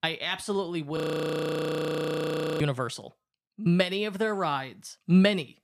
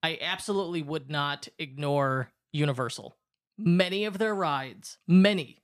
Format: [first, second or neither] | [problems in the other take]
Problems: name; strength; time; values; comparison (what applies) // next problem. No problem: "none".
second | audio freezing; at 1 s for 1.5 s